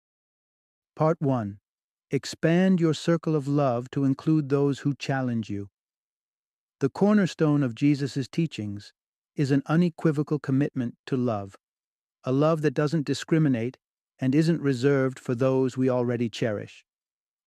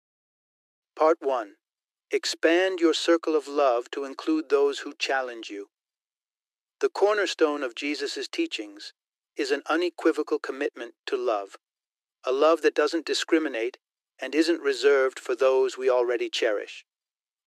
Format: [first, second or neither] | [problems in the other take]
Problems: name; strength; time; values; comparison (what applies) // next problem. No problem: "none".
first | thin; very; fading below 350 Hz